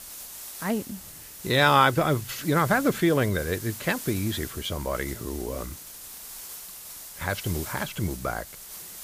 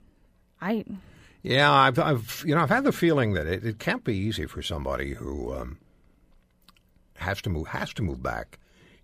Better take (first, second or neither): second